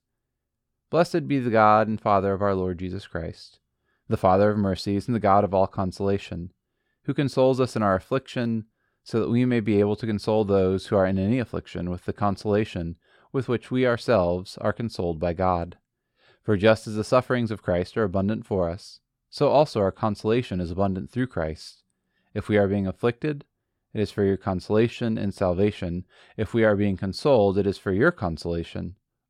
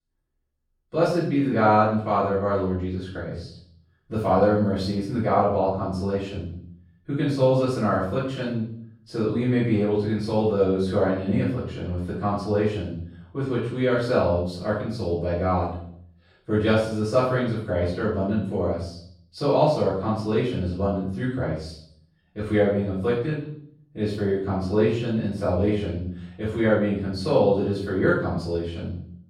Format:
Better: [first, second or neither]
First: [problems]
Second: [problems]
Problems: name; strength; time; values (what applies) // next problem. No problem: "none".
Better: first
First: none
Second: off-mic speech; far // room echo; noticeable; dies away in 0.6 s